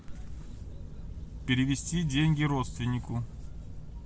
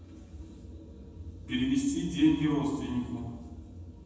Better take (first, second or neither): first